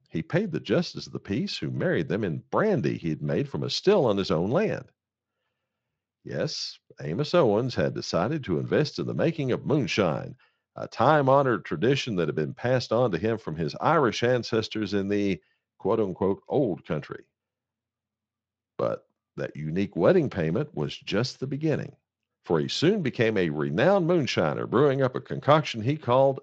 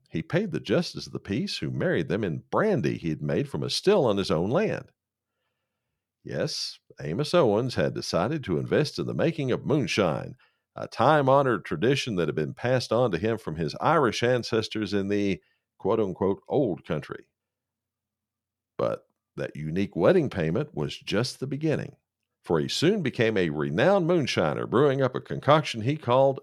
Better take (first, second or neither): second